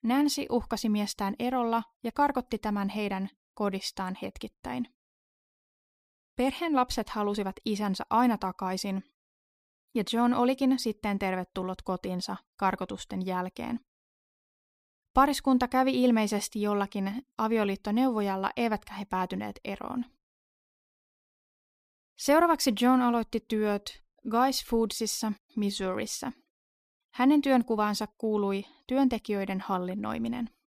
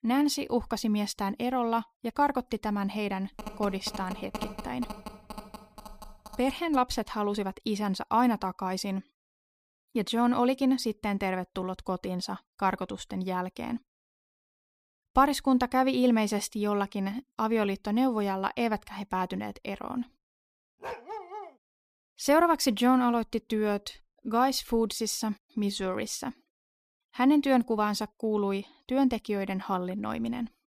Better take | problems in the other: first | phone ringing; noticeable; from 3.5 to 7 s; peak 9 dB below the speech // dog barking; noticeable; at 21 s; peak 10 dB below the speech

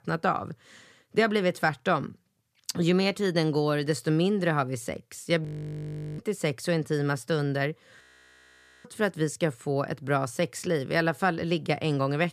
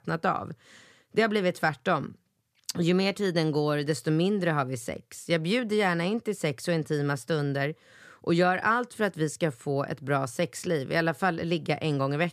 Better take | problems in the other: second | audio freezing; at 5.5 s for 0.5 s and at 8 s for 1 s

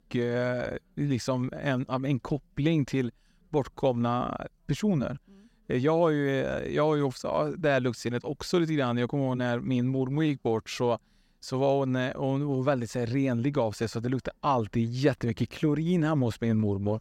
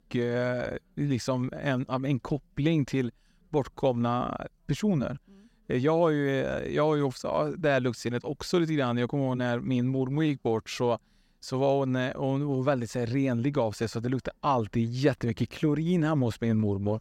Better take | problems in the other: neither | none

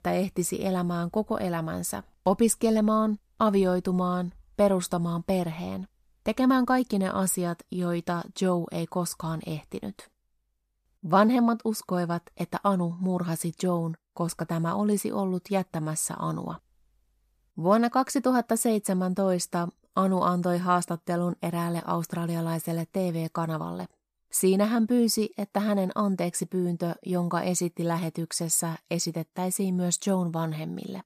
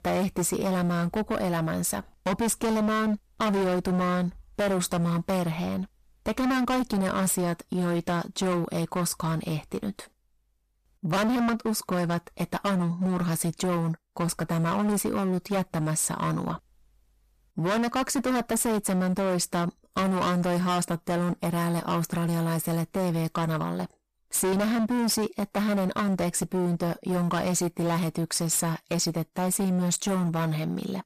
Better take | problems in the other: first | distortion; heavy; 24% of the sound clipped

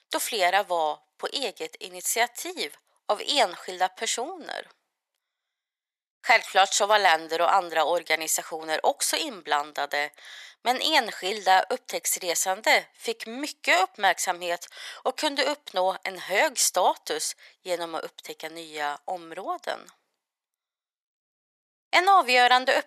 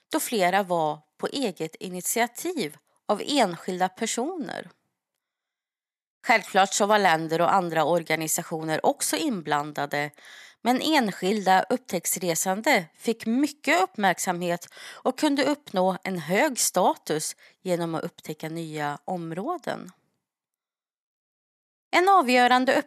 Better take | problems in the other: second | thin; somewhat; fading below 550 Hz

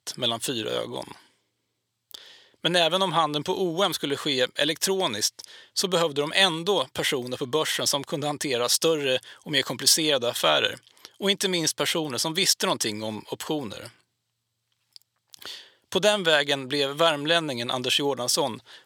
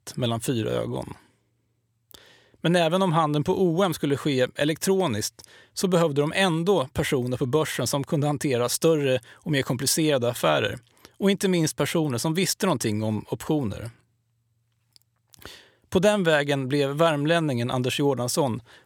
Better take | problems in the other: second | thin; very slightly; fading below 550 Hz

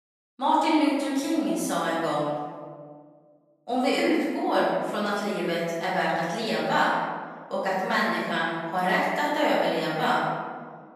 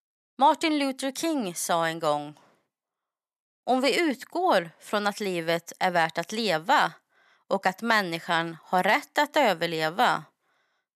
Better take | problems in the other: second | room echo; strong; dies away in 1.6 s // off-mic speech; far

